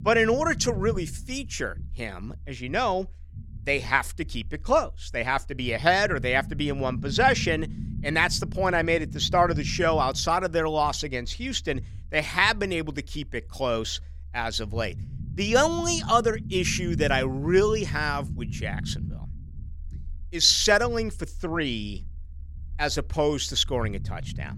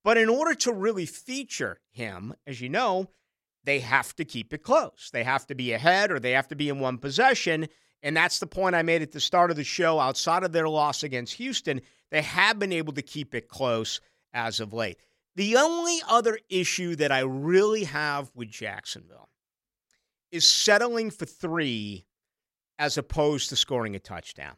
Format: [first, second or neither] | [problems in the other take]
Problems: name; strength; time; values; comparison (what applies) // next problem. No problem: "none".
second | low rumble; faint; throughout; 20 dB below the speech